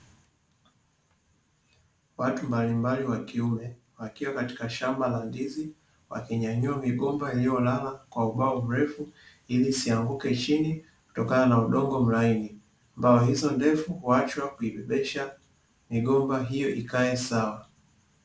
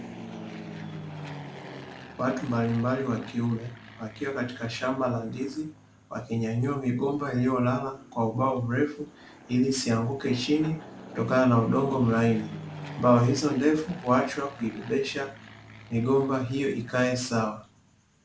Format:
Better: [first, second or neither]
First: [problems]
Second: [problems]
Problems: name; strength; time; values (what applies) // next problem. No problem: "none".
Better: first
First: none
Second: background sound (Fixed-wing aircraft, airplane); 16 dB below the speech